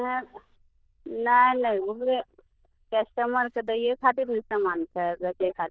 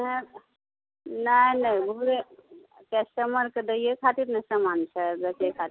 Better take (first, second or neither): second